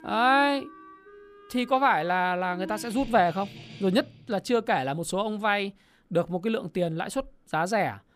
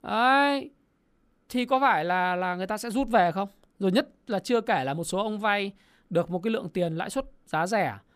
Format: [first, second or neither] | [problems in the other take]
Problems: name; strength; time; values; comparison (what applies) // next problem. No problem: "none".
second | background music; noticeable; until 4 s; 20 dB below the speech